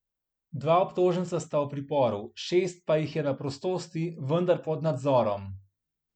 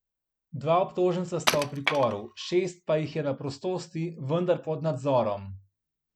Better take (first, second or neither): first